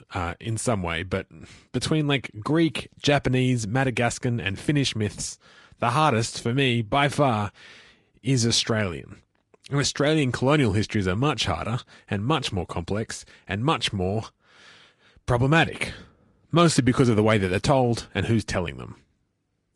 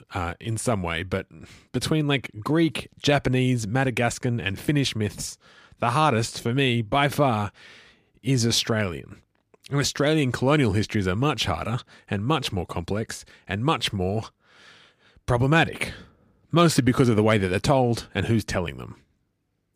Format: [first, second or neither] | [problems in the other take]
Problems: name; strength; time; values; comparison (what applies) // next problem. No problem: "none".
second | garbled, watery; slightly; nothing above 10.5 kHz